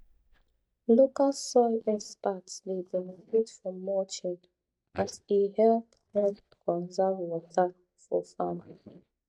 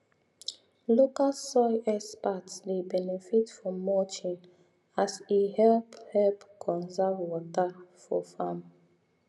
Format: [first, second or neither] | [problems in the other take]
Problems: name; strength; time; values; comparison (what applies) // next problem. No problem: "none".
second | noise reduction (neural mask model DeepFilterNet 3)